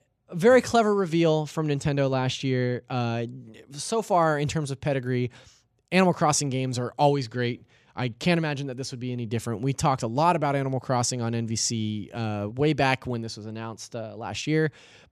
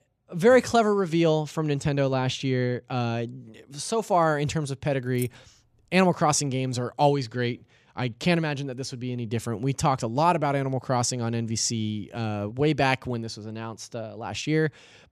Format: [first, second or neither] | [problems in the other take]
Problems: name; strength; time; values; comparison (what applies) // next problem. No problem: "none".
first | jangling keys; faint; at 5 s; peak 15 dB below the speech